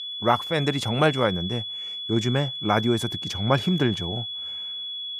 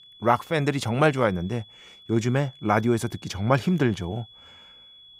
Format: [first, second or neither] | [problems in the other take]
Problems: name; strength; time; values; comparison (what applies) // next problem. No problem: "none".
second | high-pitched whine; loud; throughout; 3.5 kHz, 6 dB below the speech; faint in the second